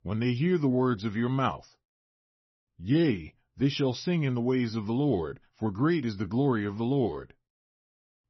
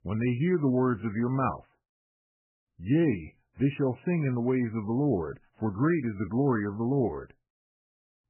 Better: first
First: garbled, watery; slightly; nothing above 6 kHz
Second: garbled, watery; badly; nothing above 3 kHz

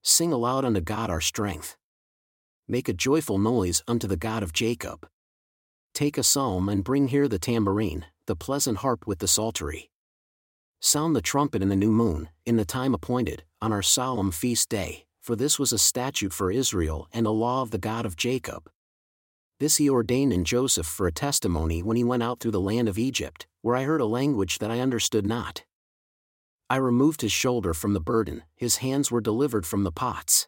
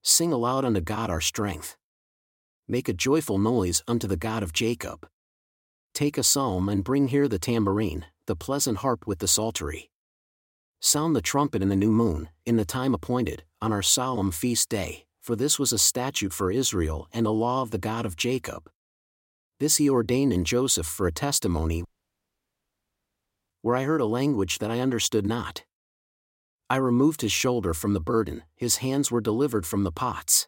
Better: first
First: none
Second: audio cutting out; at 22 s for 1.5 s

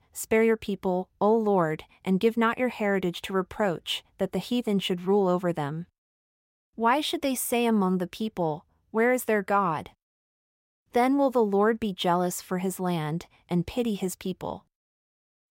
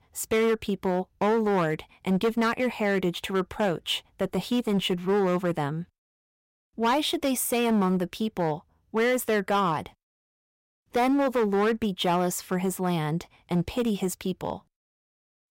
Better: first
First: none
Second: distortion; slight; 9% of the sound clipped

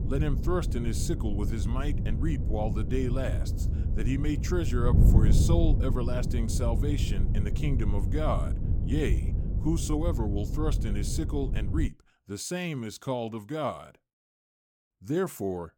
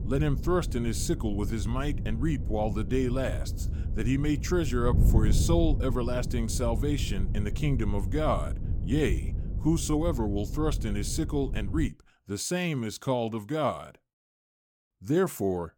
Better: second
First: wind noise on the microphone; heavy; until 12 s; 7 dB below the speech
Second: wind noise on the microphone; occasional gusts; until 12 s; 15 dB below the speech

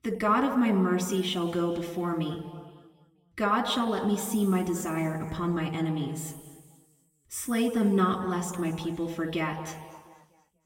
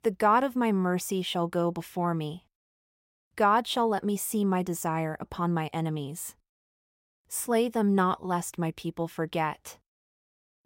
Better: second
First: room echo; noticeable; dies away in 1.9 s // off-mic speech; somewhat distant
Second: none

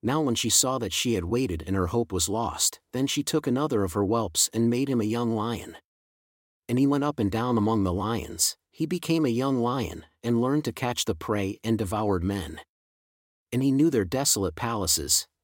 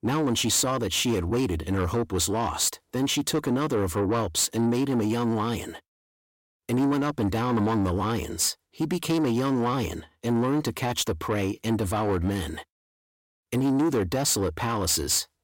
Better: first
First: none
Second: distortion; slight; 10 dB below the speech

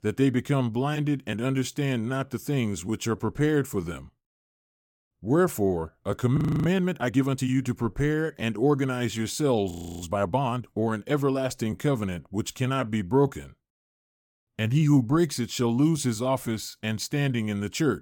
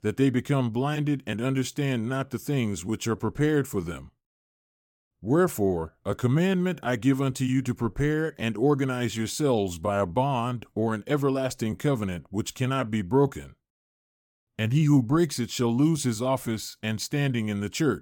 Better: second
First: audio freezing; at 6.5 s and at 9.5 s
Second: none

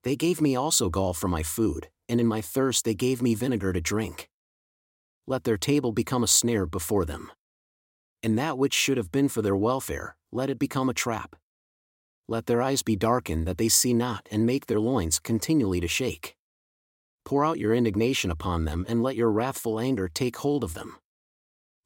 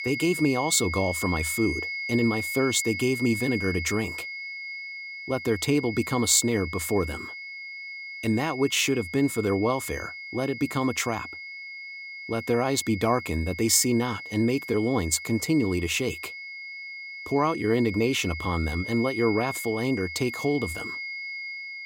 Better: first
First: none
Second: high-pitched whine; loud; throughout; 2 kHz, 8 dB below the speech

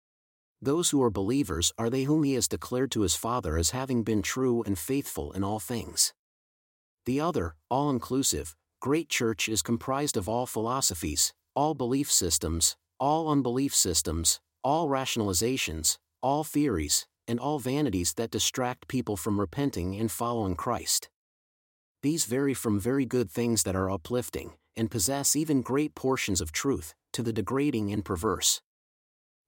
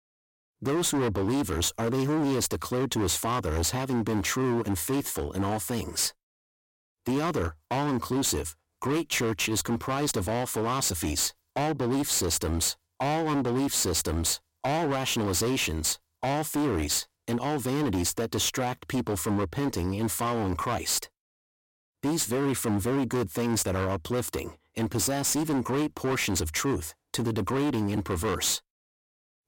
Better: first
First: none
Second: distortion; heavy; 26% of the sound clipped

